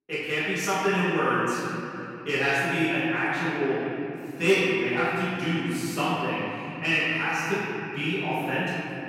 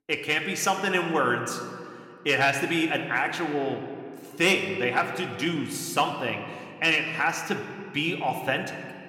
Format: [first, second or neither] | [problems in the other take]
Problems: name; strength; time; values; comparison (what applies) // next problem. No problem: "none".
second | room echo; strong; dies away in 3 s; slight in the second // off-mic speech; far